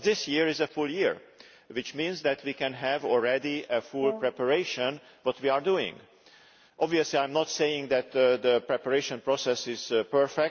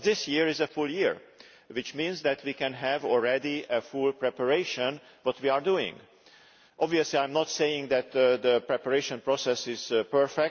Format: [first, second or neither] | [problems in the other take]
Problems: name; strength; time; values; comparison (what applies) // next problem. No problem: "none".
second | background sound (Brass instrument); 14 dB below the speech